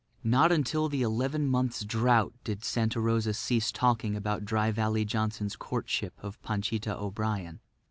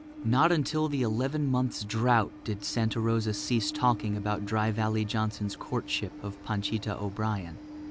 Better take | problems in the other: first | background sound (Train); 14 dB below the speech

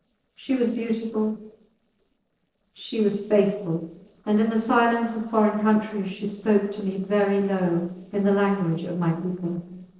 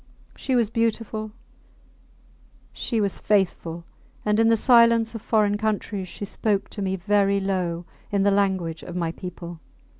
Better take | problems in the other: second | noise reduction (neural separator model SepFormer DNS4)

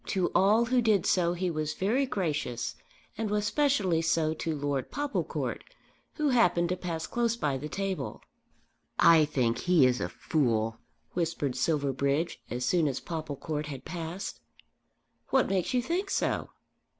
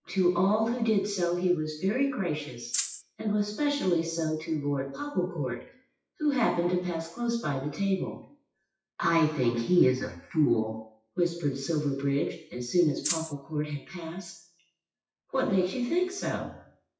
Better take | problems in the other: first | noise reduction (classical method WPE with log-MMSE)

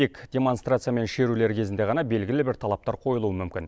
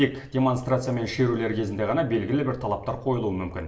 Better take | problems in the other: first | room echo; dies away in 1.4 s

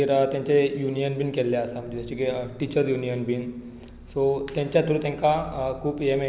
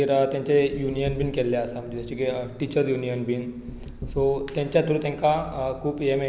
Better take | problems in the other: first | background sound (Knock / Wood); 16 dB below the speech

